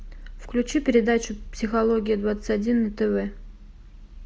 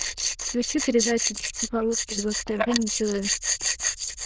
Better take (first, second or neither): first